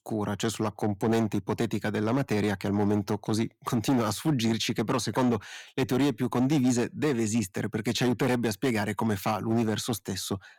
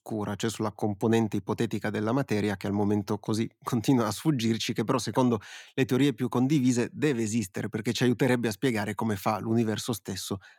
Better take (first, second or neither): second